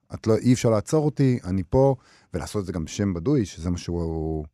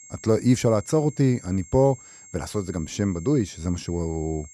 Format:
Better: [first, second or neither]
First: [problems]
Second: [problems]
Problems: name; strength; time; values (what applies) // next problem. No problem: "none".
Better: first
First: none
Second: high-pitched whine; faint; throughout; 7.5 kHz, 20 dB below the speech